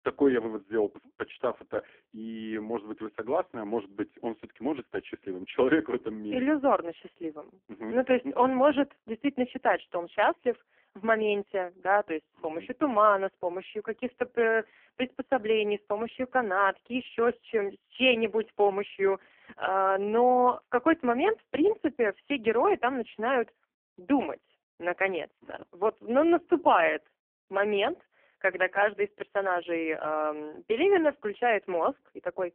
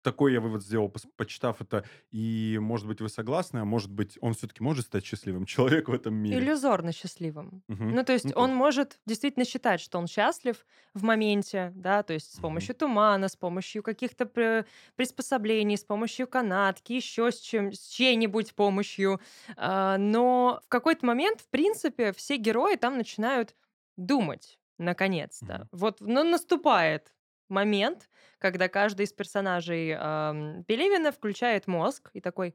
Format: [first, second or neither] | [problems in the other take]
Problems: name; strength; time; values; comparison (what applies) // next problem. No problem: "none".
second | phone-call audio; poor line; nothing above 3 kHz